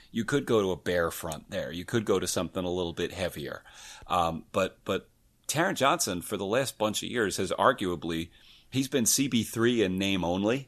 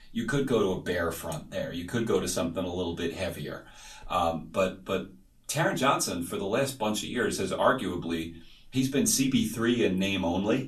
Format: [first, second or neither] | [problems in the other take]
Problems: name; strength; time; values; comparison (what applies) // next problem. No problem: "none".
first | off-mic speech; far // room echo; very slight; dies away in 0.2 s